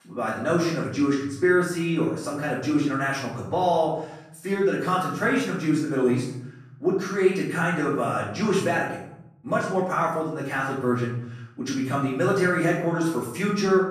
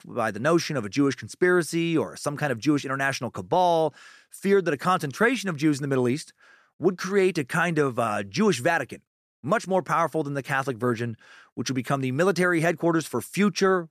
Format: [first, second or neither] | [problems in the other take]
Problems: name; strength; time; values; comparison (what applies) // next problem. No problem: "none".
second | off-mic speech; far // room echo; noticeable; dies away in 0.7 s